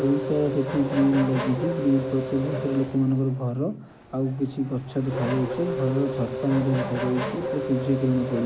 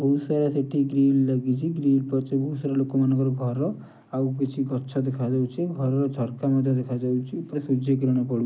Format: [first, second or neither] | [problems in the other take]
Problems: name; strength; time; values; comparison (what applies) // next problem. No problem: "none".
second | background sound (Race car, auto racing / Accelerating, revving, vroom); 6 dB below the speech